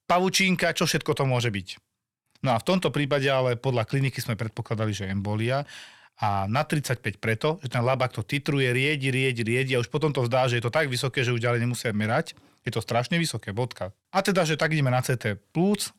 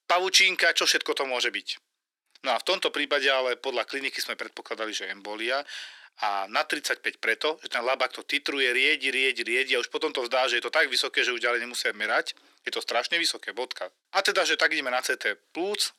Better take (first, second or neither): first